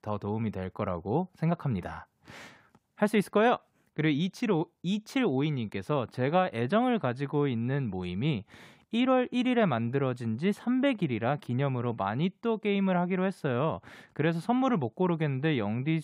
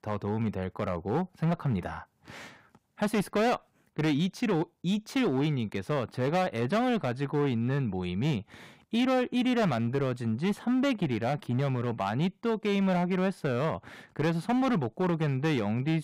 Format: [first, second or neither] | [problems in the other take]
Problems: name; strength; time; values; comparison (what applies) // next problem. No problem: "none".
first | distortion; slight; 11% of the sound clipped